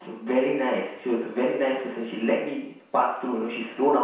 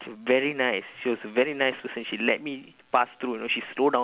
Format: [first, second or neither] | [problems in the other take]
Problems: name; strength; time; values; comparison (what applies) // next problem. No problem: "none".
second | room echo; dies away in 0.7 s